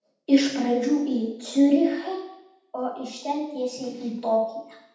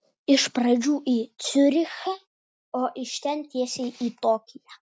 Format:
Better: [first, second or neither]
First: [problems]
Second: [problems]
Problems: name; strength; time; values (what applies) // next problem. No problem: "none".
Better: second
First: room echo; dies away in 0.8 s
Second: none